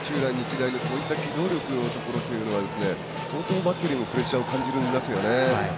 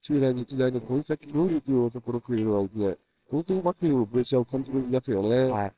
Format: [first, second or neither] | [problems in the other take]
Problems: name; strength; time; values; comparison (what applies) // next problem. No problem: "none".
first | noise reduction (neural separator model SepFormer WHAMR!)